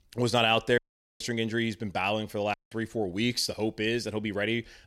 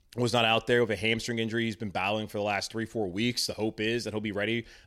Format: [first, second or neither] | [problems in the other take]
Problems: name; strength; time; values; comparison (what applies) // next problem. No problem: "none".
second | audio cutting out; at 1 s and at 2.5 s